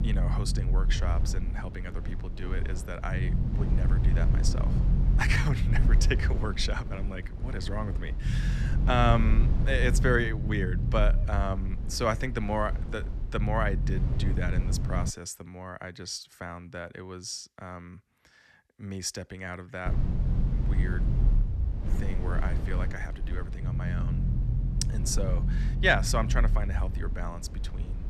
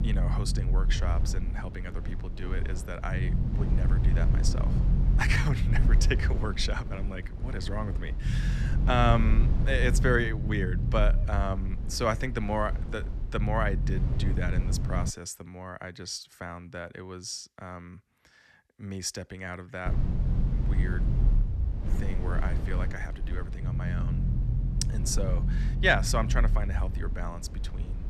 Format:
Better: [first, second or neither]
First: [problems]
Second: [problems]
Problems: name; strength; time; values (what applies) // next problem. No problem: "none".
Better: neither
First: low rumble; noticeable; until 15 s and from 20 s on; 10 dB below the speech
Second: low rumble; noticeable; until 15 s and from 20 s on; 10 dB below the speech